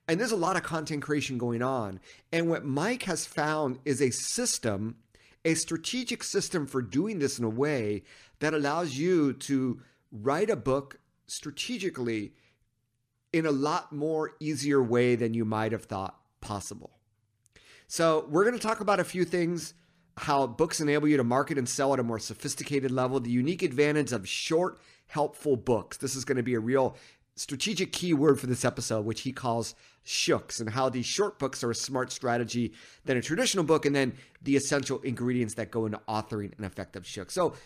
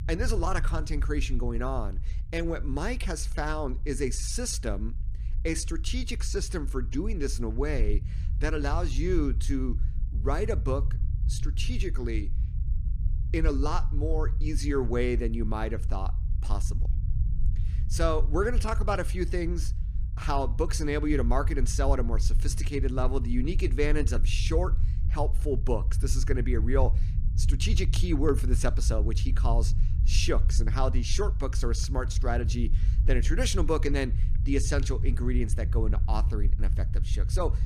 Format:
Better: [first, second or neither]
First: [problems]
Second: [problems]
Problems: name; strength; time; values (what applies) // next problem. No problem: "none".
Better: first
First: none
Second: low rumble; noticeable; throughout; 15 dB below the speech